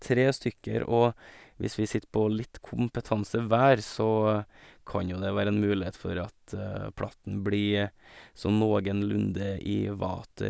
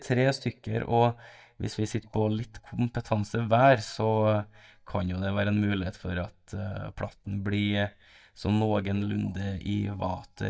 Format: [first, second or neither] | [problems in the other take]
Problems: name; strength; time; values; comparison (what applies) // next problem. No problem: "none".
first | noise reduction (neural mask model DeepFilterNet 3)